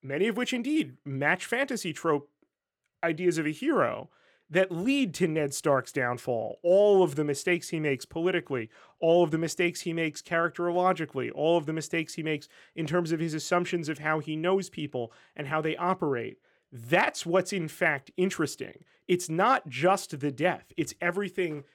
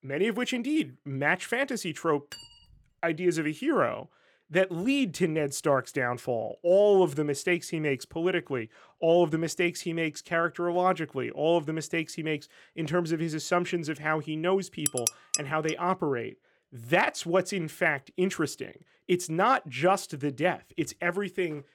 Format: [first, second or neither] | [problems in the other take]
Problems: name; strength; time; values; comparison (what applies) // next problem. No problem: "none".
first | clattering dishes; faint; at 2.5 s; peak 15 dB below the speech // clattering dishes; noticeable; at 15 s; peak level with the speech